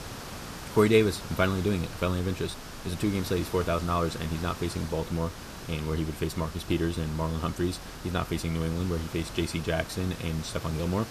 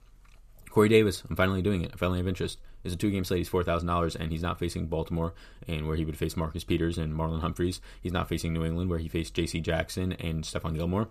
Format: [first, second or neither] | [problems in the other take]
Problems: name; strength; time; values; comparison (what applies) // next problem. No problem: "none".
second | hiss; noticeable; throughout; 10 dB below the speech